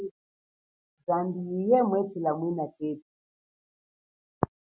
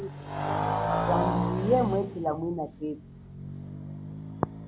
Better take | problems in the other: first | background sound (Motorcycle); as loud as the speech

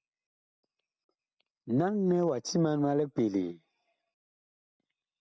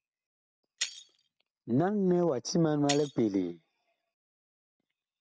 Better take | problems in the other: first | background sound (Shatter); 13 dB below the speech

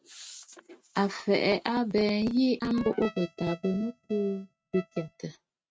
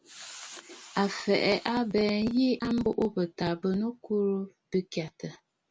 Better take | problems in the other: second | noise reduction (neural mask model RNNoise)

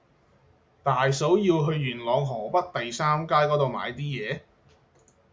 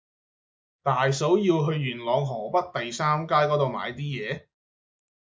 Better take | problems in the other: first | noise reduction (neural mask model Resemble Enhance denoiser)

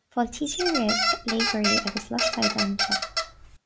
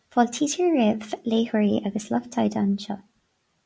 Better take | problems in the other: second | background sound (Squeak); 2 dB above the speech

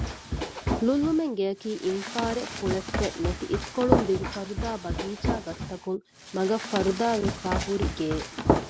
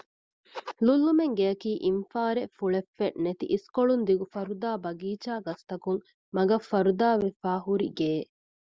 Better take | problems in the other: second | background sound (Run); 2 dB below the speech

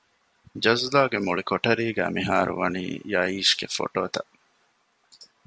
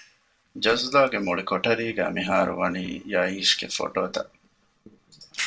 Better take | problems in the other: first | noise reduction (neural separator model SepFormer DNS4)

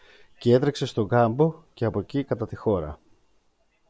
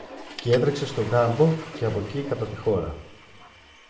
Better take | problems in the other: first | background sound (Toilet flush / Water); 15 dB below the speech // room echo; dies away in 0.7 s

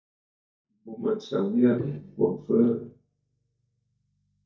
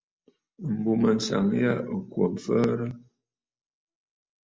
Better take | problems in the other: second | noise reduction (neural mask model DeepFilterNet 3)

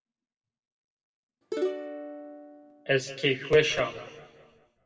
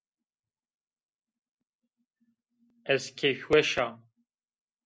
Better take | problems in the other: second | background sound (Plucked string instrument); 5 dB below the speech // room echo; dies away in 1.7 s

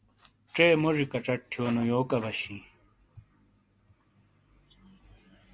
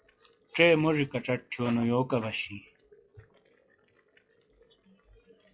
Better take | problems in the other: first | noise reduction (classical method log-MMSE)

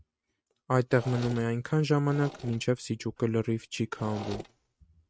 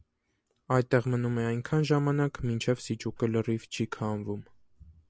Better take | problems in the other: second | noise reduction (neural mask model RNNoise)

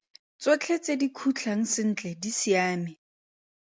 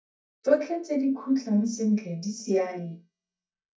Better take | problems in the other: first | noise reduction (neural mask model DeepFilterNet 3)

